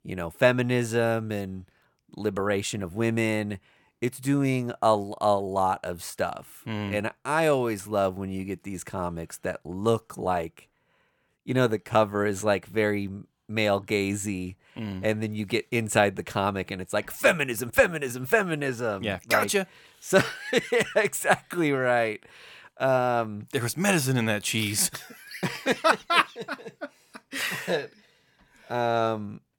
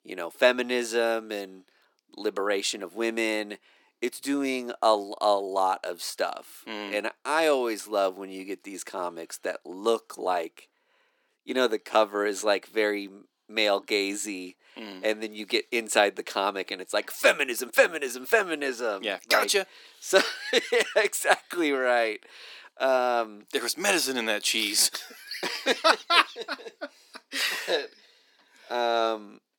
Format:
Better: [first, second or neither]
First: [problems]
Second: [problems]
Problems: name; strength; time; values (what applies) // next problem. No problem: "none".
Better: first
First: none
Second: thin; somewhat; fading below 250 Hz